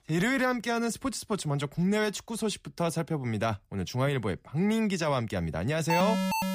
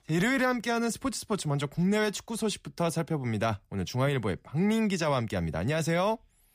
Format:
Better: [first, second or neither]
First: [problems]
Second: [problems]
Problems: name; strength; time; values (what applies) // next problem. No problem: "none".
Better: second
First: alarm; loud; at 6 s; peak 2 dB above the speech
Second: none